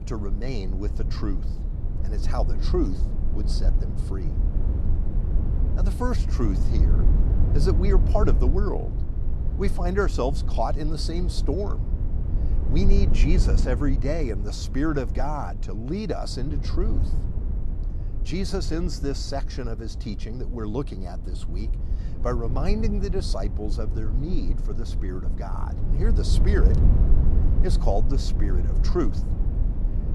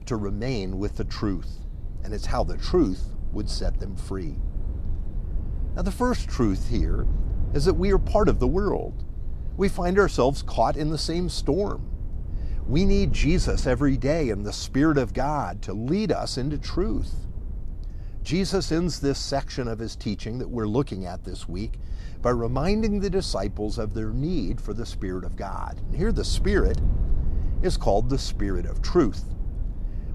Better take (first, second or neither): second